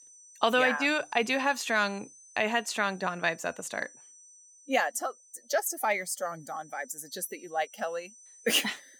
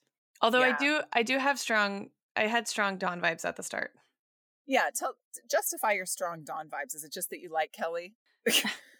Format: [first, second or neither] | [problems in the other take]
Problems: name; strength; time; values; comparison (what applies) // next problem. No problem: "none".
second | high-pitched whine; faint; throughout; 6 kHz, 25 dB below the speech